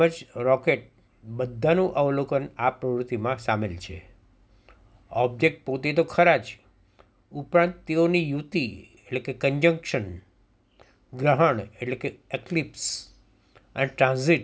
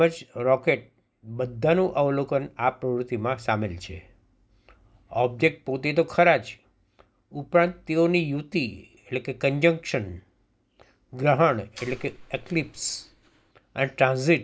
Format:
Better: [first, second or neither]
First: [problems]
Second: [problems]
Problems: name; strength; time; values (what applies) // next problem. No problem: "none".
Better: first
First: none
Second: noise reduction (neural mask model DeepFilterNet 3)